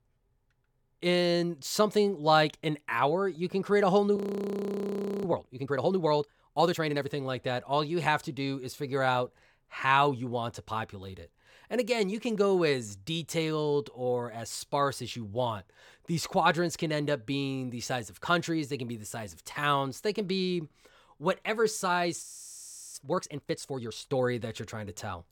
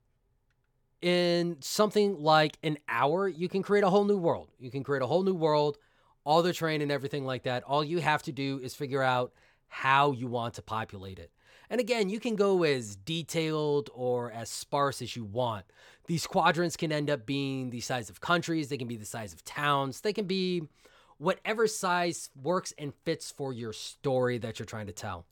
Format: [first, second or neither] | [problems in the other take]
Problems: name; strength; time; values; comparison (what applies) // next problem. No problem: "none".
second | audio freezing; at 4 s for 1 s and at 22 s for 0.5 s